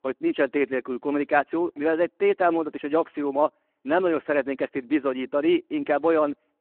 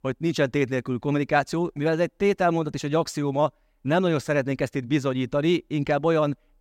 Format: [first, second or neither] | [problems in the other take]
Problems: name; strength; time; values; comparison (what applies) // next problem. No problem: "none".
second | phone-call audio